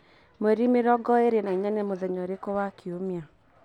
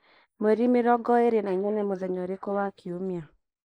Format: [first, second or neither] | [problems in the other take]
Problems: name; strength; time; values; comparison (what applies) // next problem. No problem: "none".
first | noise reduction (neural mask model Resemble Enhance denoiser)